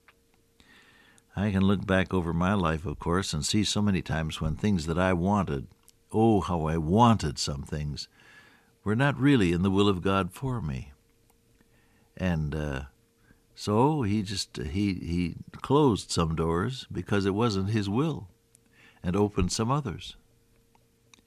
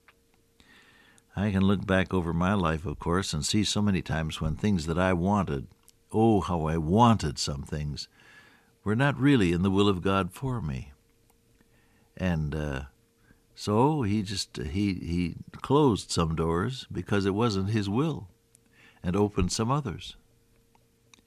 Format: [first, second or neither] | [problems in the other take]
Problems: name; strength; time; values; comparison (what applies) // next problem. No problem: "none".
neither | none